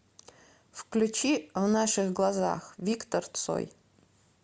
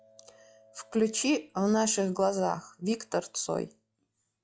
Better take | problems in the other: first | noise reduction (classical method log-MMSE)

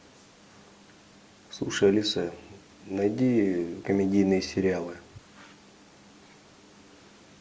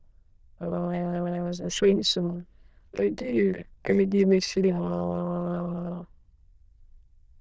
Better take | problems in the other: first | noise reduction (neural diffusion model UNIVERSE++)

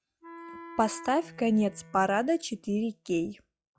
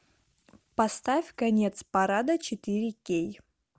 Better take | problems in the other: second | noise reduction (classical method log-MMSE)

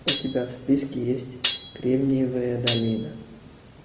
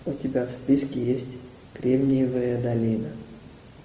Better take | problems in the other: second | background sound (Cutlery, silverware); 8 dB below the speech

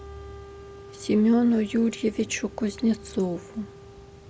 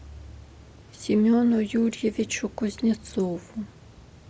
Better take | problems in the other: second | background sound (Wind instrument, woodwind instrument); 20 dB below the speech

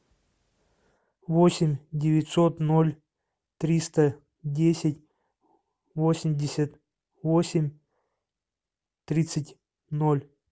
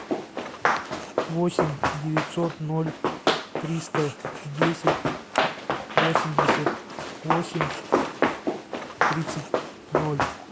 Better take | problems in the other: first | background sound (Run); 5 dB above the speech

